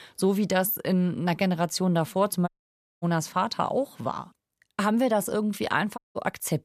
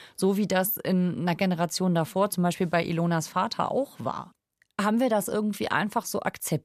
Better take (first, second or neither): second